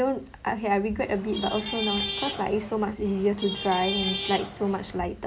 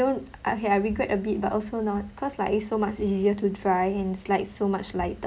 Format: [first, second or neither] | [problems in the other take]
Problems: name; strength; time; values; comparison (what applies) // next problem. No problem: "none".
second | background sound (Traffic noise, roadway noise / Vehicle horn, car horn, honking); 6 dB below the speech